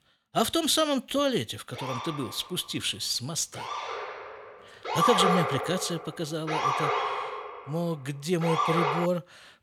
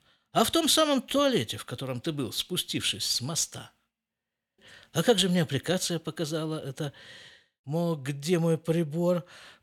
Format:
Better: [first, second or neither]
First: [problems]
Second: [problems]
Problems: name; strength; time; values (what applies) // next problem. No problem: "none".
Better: second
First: siren; loud; from 2 to 9 s; peak 6 dB above the speech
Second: none